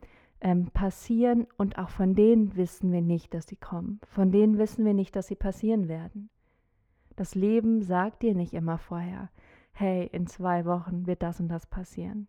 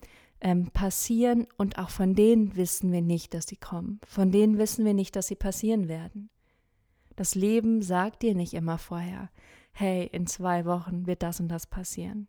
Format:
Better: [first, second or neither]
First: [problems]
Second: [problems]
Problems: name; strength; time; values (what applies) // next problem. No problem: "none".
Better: second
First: muffled; very; fading above 3.5 kHz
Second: none